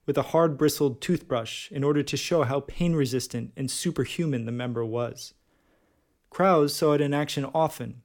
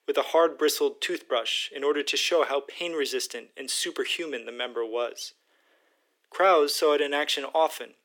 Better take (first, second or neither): first